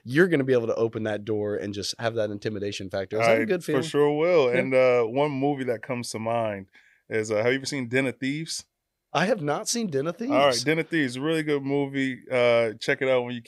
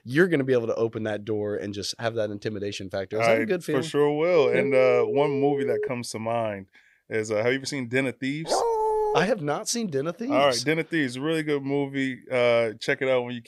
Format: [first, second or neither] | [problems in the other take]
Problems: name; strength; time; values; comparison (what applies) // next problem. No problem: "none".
first | phone ringing; noticeable; from 4.5 to 6 s; peak 2 dB below the speech // dog barking; loud; at 8.5 s; peak 1 dB above the speech